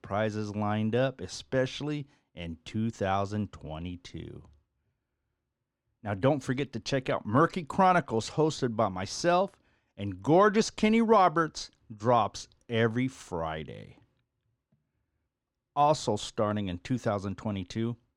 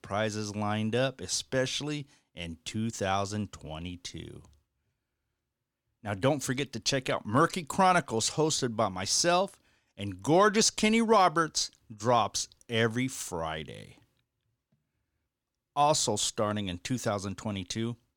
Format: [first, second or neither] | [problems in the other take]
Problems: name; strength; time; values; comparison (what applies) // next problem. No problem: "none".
second | muffled; slightly; fading above 1.5 kHz